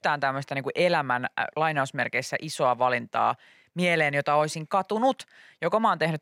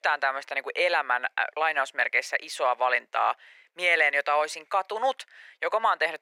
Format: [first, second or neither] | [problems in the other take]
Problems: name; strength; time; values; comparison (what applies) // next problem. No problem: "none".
first | thin; very; fading below 400 Hz